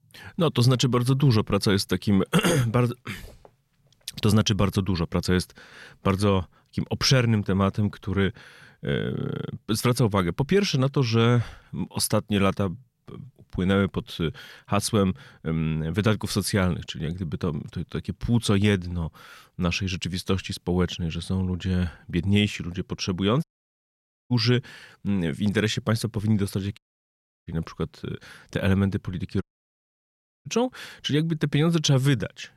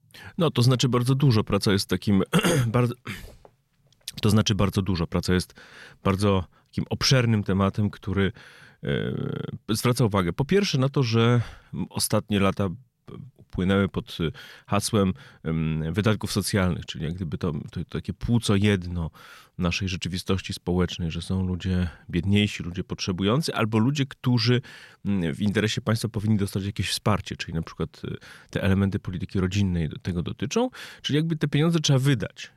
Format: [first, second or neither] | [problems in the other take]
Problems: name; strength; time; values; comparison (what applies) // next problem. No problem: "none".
second | audio cutting out; at 23 s for 1 s, at 27 s for 0.5 s and at 29 s for 1 s